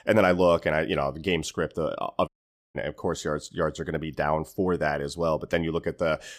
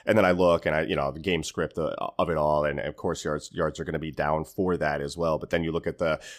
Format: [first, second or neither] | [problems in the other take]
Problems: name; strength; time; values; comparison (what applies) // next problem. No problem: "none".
second | audio cutting out; at 2.5 s